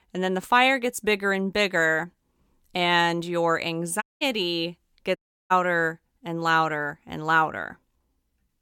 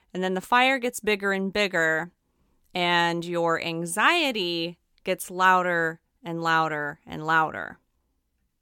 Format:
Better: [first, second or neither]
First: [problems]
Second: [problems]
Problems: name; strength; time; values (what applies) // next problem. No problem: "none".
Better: second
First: audio cutting out; at 4 s and at 5 s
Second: none